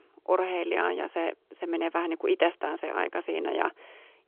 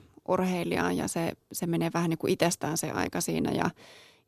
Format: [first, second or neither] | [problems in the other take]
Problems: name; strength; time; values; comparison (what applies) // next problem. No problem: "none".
second | phone-call audio; nothing above 3.5 kHz